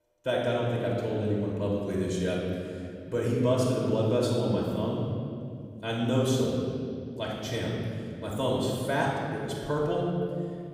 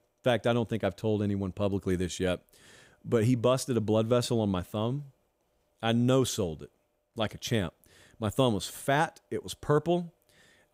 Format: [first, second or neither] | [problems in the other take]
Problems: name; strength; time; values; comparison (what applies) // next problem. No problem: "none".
second | off-mic speech; far // room echo; noticeable; dies away in 2.5 s